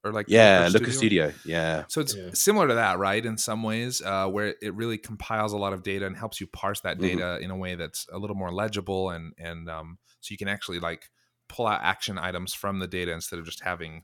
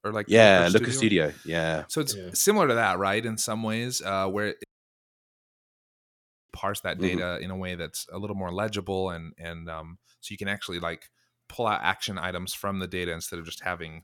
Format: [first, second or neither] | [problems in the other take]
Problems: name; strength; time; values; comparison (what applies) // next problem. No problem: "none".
first | audio cutting out; at 4.5 s for 2 s